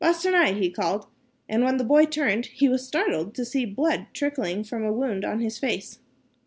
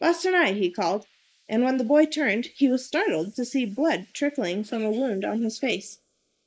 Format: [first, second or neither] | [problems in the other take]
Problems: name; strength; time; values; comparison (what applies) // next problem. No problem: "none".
first | noise reduction (neural mask model Resemble Enhance denoiser)